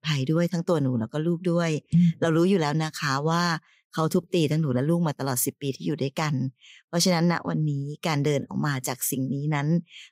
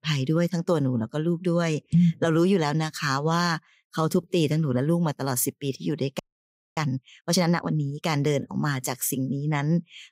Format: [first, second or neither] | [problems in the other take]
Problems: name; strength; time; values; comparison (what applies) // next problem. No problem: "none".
first | audio freezing; at 6 s for 0.5 s